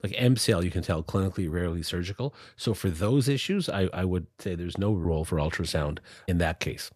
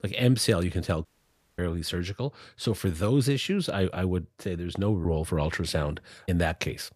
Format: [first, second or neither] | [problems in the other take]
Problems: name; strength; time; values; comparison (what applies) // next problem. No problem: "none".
first | audio cutting out; at 1 s for 0.5 s